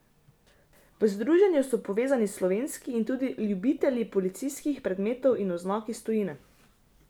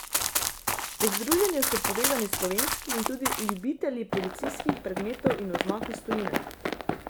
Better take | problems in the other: first | background sound (Run); 1 dB above the speech

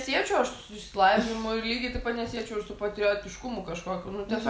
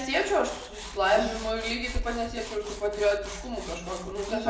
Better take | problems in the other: first | background sound (Tools); 16 dB below the speech // room echo; dies away in 0.6 s

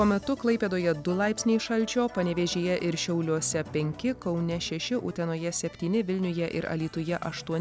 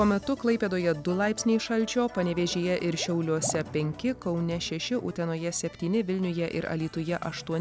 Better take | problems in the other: first | background sound (Water / Liquid); 17 dB below the speech

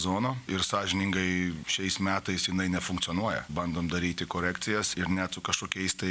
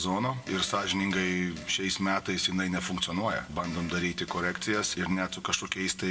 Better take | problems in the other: first | background sound (Fart); 17 dB below the speech // room echo; dies away in 1.1 s

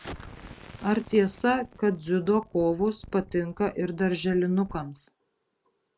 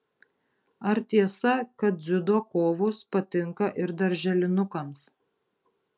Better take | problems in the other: second | background sound (Explosion); 20 dB below the speech

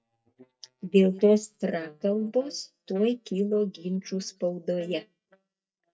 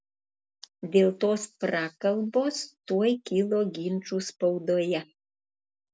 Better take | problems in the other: second | noise reduction (neural mask model DeepFilterNet 3)

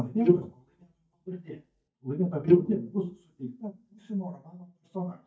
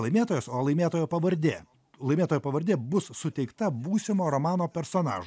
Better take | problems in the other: second | noise reduction (neural mask model DeepFilterNet 3)

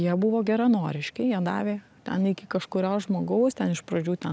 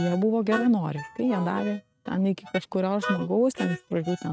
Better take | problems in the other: first | noise reduction (neural mask model RNNoise)

